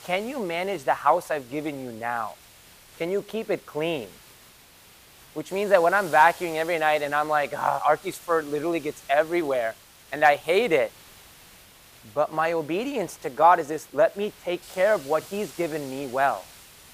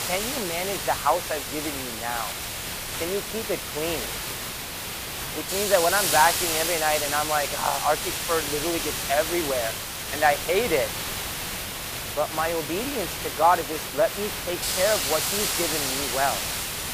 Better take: first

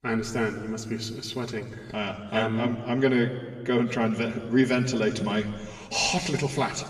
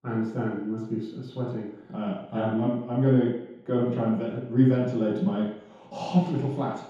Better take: first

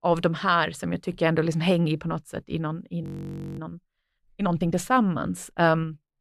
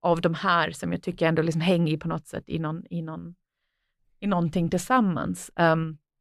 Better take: second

